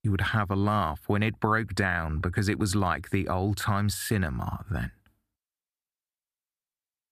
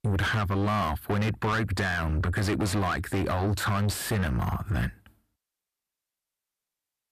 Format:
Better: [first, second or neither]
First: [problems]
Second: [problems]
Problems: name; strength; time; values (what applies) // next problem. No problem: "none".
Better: first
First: none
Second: distortion; heavy; 5 dB below the speech